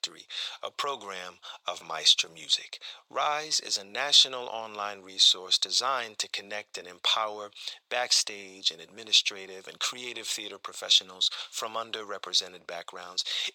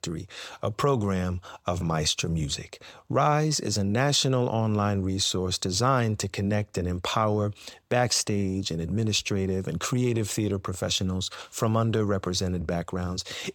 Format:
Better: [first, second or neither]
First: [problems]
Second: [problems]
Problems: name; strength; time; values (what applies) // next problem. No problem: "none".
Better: second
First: thin; very; fading below 750 Hz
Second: none